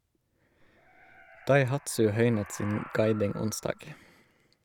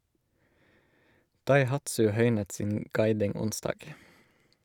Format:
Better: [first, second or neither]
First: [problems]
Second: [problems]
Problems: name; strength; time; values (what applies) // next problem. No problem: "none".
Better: second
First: background sound (Animal); 18 dB below the speech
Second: none